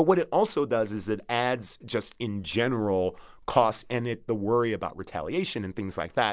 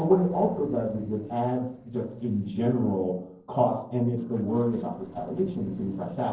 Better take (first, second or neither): first